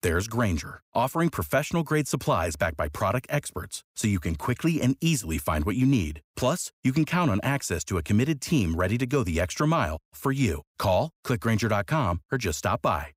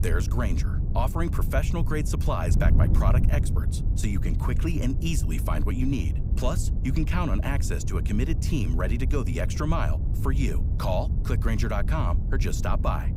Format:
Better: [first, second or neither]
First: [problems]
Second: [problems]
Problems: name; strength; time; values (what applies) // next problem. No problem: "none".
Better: first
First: none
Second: wind noise on the microphone; heavy; 9 dB below the speech